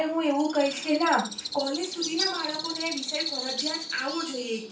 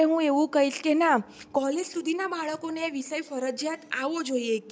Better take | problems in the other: second | background sound (Bird); 6 dB below the speech // room echo; dies away in 0.2 s

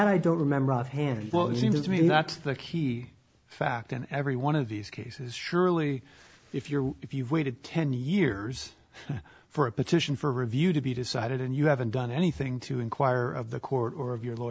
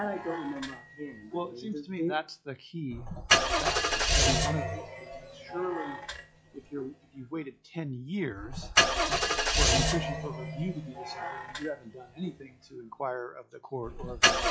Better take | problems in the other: first | noise reduction (classical method log-MMSE)

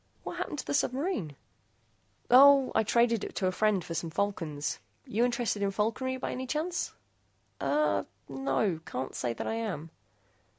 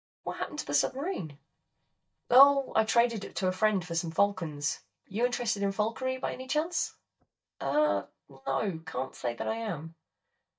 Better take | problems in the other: first | noise reduction (neural mask model DeepFilterNet 3)

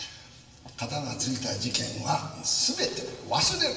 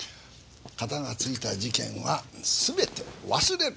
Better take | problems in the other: second | room echo; dies away in 1.2 s

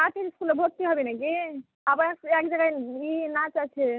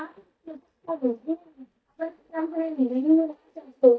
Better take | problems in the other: first | noise reduction (neural mask model DeepFilterNet 3)

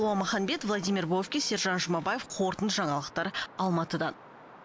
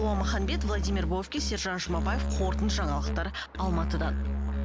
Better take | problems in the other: first | background sound (Musical instrument); 3 dB above the speech

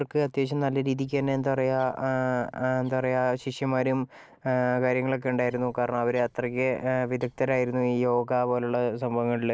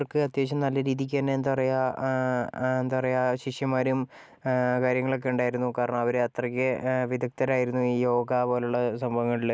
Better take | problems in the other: second | noise reduction (neural separator model SepFormer DNS4)

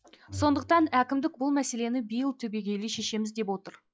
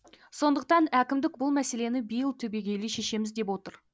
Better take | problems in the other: second | noise reduction (classical method log-MMSE)

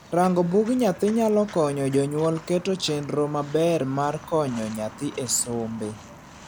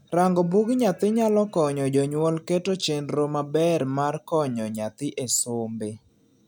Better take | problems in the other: second | background sound (Walk, footsteps); 19 dB below the speech

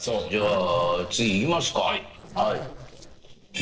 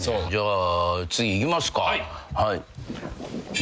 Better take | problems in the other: second | noise reduction (neural separator model SepFormer DNS4)

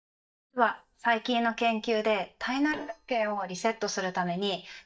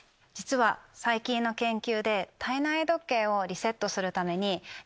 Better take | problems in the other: second | noise reduction (neural mask model DeepFilterNet 3)

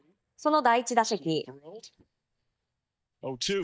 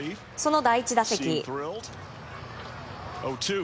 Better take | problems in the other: second | noise reduction (neural mask model DeepFilterNet 3)

